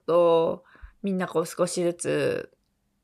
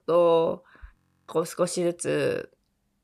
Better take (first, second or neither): first